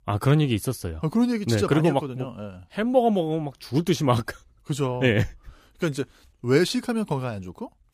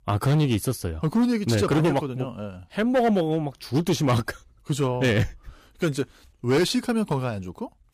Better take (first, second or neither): first